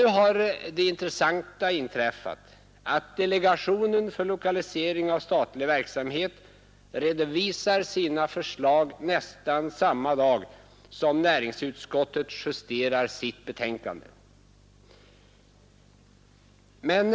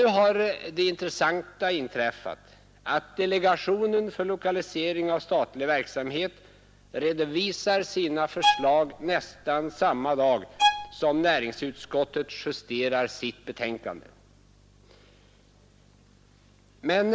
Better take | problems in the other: first | background sound (Bowed string instrument); 3 dB below the speech

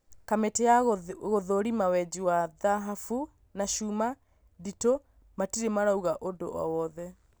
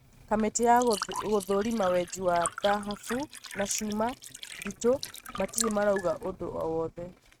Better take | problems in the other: first | noise reduction (neural mask model RNNoise)

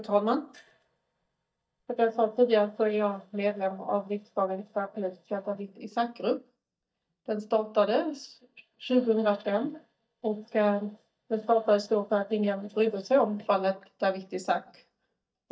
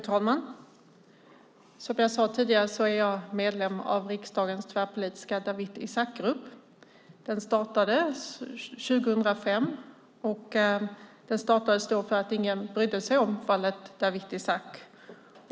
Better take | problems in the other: second | noise reduction (neural mask model DeepFilterNet 3)

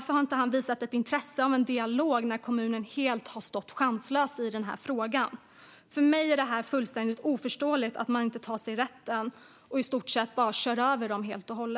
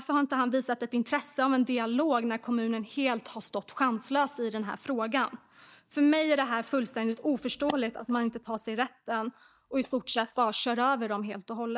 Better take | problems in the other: first | noise reduction (neural mask model DeepFilterNet 3)

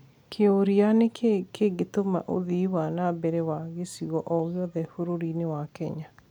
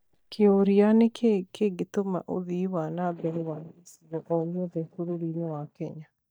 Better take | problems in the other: first | noise reduction (neural mask model DeepFilterNet 3)

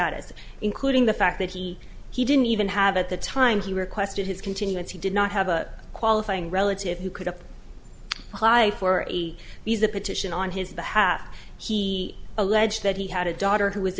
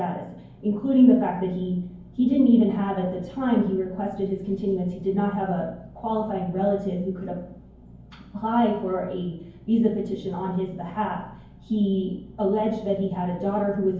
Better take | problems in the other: first | room echo; dies away in 0.9 s

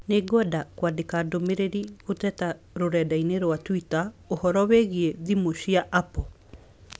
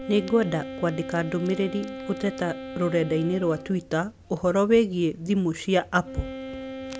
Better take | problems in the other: first | background sound (Wind instrument, woodwind instrument); 12 dB below the speech

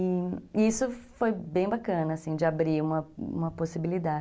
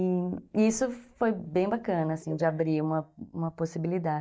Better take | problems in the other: first | noise reduction (neural mask model DeepFilterNet 3)

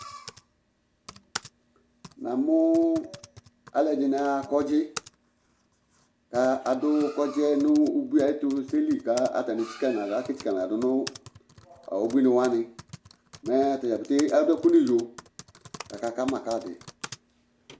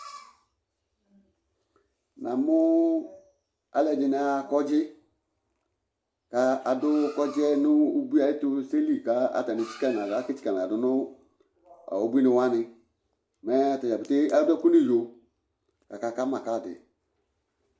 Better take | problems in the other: second | background sound (Typing); 20 dB below the speech

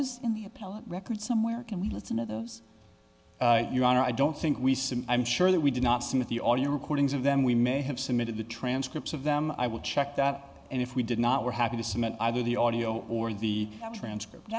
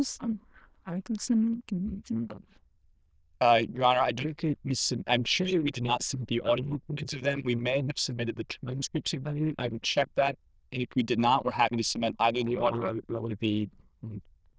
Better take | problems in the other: first | noise reduction (neural diffusion model UNIVERSE++)

